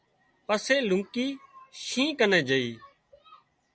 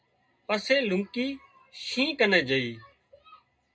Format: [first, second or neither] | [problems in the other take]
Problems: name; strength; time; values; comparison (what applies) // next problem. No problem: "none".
first | room echo; dies away in 0.2 s